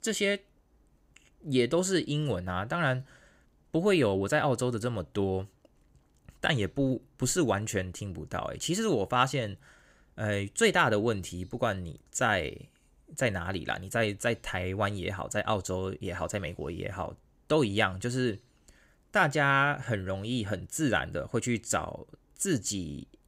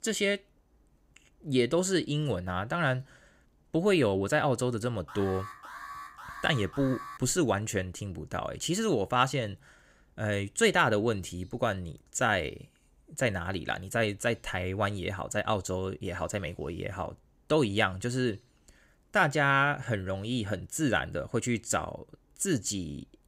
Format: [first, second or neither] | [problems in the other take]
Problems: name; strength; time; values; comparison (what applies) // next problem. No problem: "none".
first | alarm; faint; from 5 to 7 s; peak 10 dB below the speech